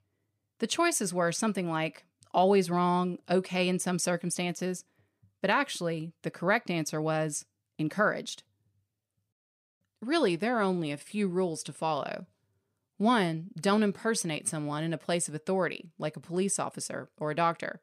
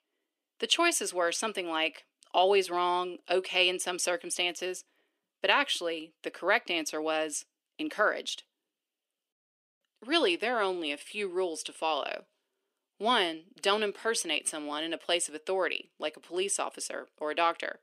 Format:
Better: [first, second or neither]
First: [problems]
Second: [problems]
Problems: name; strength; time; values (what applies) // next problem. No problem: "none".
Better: first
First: none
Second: thin; somewhat; fading below 300 Hz